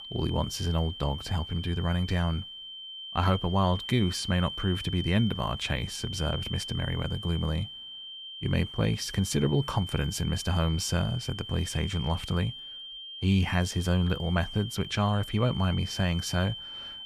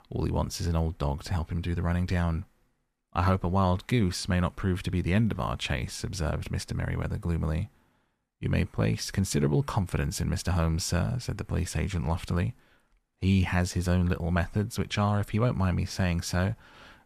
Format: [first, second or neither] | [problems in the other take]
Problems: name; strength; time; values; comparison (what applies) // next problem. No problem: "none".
second | high-pitched whine; loud; throughout; 3 kHz, 9 dB below the speech